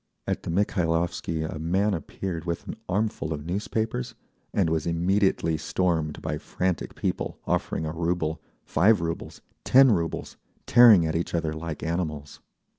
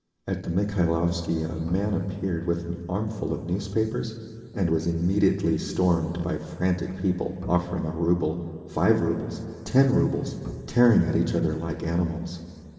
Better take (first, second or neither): first